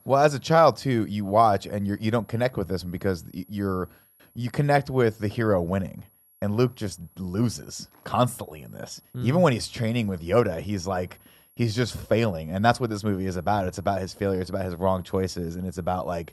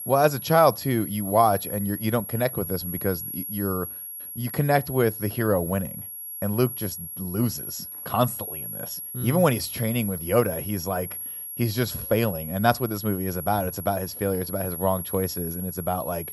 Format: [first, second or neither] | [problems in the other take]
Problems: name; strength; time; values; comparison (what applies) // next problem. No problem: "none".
first | high-pitched whine; loud; throughout; 11.5 kHz, 7 dB below the speech; faint in the first